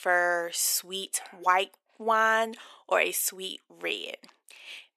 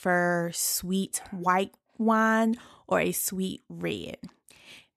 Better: second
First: thin; very; fading below 450 Hz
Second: none

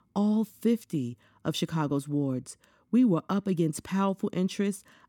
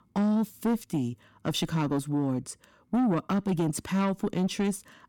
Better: first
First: none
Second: distortion; slight; 10 dB below the speech

